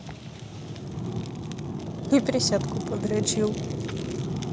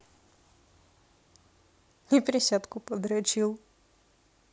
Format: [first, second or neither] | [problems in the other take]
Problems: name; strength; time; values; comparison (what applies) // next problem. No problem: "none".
second | background sound (Fire); 2 dB below the speech